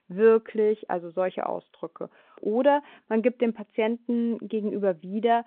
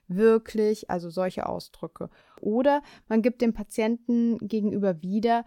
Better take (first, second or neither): second